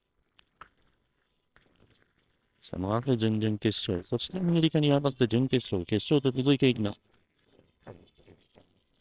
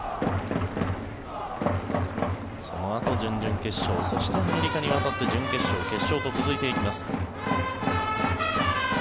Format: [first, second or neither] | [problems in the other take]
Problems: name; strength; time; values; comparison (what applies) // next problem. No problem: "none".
second | noise reduction (neural separator model SepFormer WHAMR!)